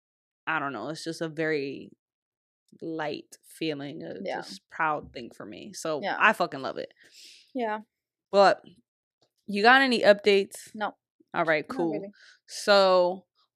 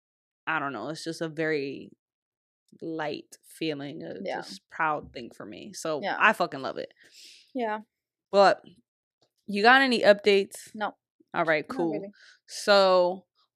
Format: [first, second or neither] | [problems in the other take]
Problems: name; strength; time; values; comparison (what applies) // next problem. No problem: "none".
neither | none